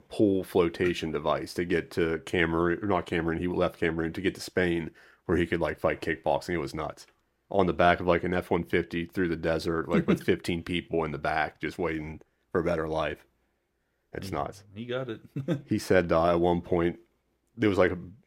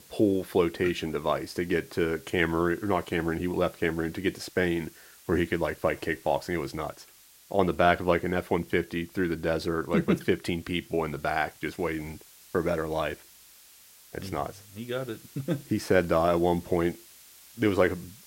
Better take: first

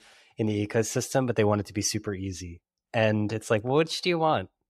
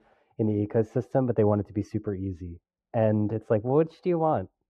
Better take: first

